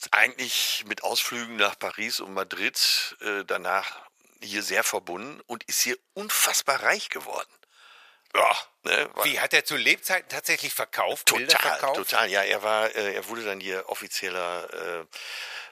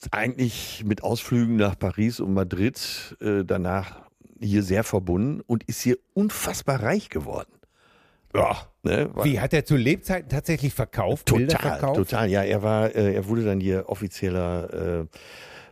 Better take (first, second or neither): second